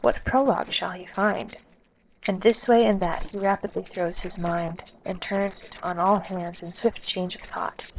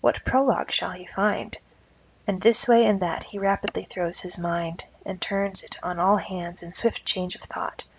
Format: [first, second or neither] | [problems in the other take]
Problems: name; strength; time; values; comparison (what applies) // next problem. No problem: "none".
second | noise reduction (neural separator model SepFormer DNS4)